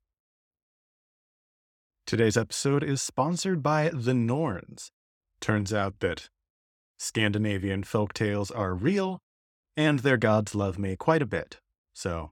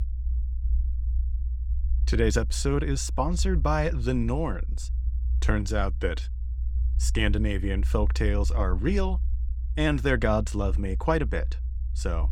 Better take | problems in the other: first | low rumble; faint; throughout; 20 dB below the speech

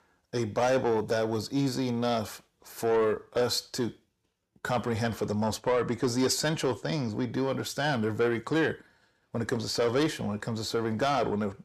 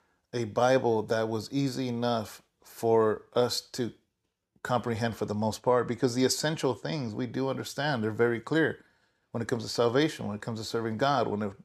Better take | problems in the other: second | distortion; slight; 10 dB below the speech

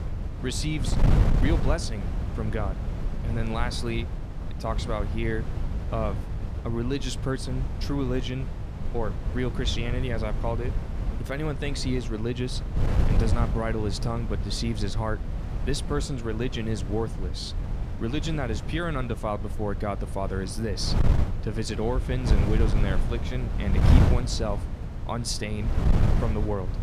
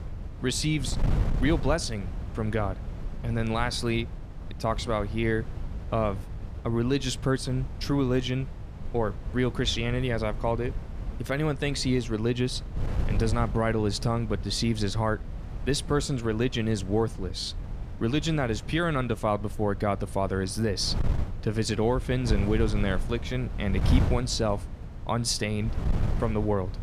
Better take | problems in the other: second | wind noise on the microphone; heavy; 6 dB below the speech; occasional gusts in the second

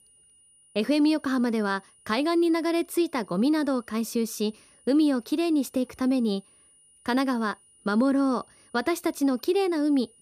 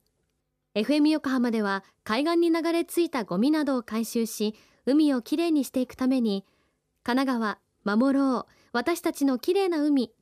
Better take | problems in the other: second | high-pitched whine; faint; throughout; 9.5 kHz, 30 dB below the speech

